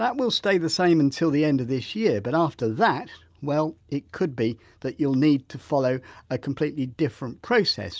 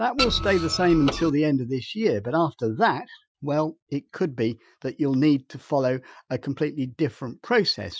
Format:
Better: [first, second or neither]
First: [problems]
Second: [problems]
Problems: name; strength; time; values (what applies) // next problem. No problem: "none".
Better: first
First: none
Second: noise reduction (classical method Wiener filter)